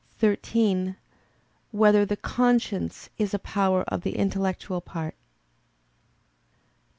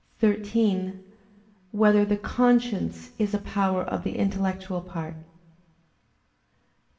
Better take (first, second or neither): first